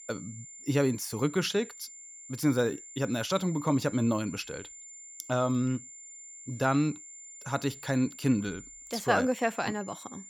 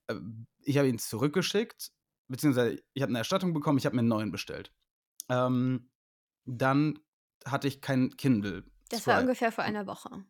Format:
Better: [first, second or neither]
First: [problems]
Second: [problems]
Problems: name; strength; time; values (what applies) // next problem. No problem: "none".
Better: second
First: high-pitched whine; noticeable; throughout; 7 kHz, 15 dB below the speech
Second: none